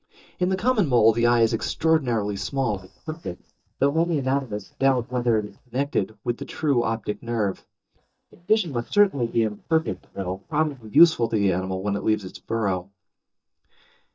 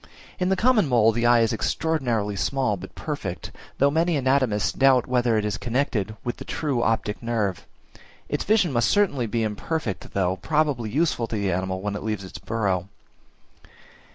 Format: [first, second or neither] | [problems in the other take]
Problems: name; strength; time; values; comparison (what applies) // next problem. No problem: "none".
second | noise reduction (neural mask model DeepFilterNet 3)